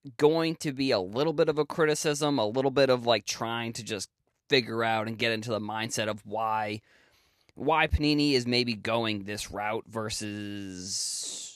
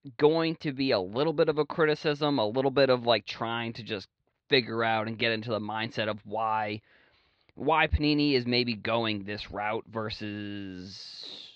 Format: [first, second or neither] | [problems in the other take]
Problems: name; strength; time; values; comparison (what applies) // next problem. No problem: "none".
first | muffled; very slightly; fading above 4 kHz